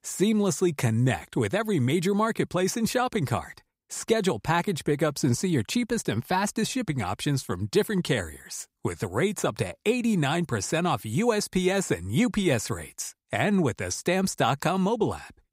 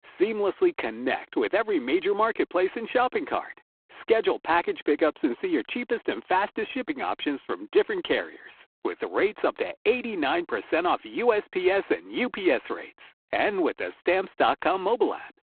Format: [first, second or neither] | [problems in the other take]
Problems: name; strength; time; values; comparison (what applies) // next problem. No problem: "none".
first | phone-call audio; poor line